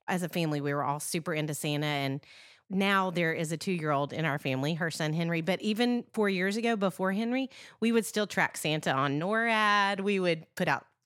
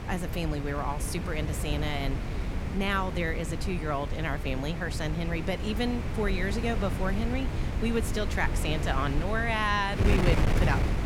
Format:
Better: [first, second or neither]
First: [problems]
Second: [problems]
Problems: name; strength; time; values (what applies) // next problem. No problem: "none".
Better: first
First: none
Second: wind noise on the microphone; heavy; 6 dB below the speech